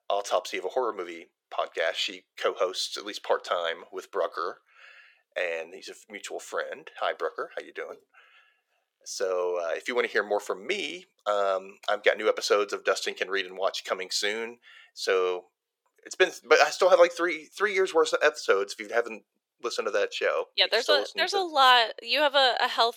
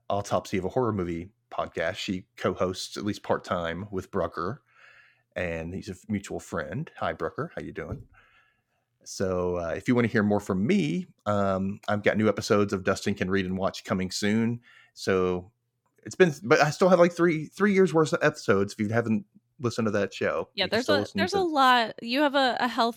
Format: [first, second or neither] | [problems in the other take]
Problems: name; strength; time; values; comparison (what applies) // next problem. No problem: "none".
second | thin; very; fading below 450 Hz